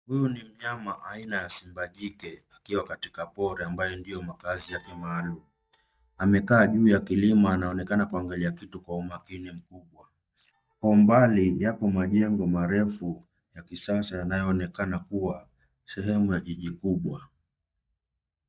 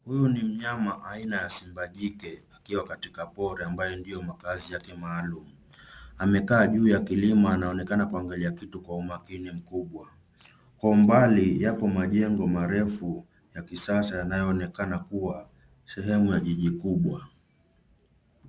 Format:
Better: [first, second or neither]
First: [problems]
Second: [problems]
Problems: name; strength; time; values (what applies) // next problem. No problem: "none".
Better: second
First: noise reduction (neural mask model DeepFilterNet 3)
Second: none